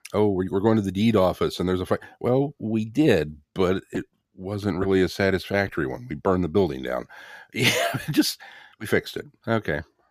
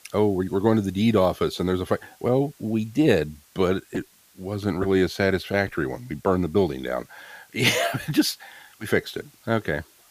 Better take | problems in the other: first | hiss; faint; throughout; 30 dB below the speech

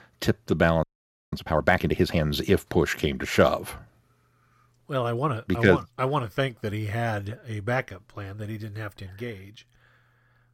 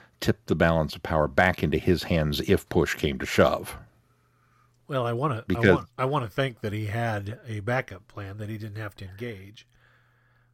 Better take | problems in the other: second | audio freezing; at 1 s

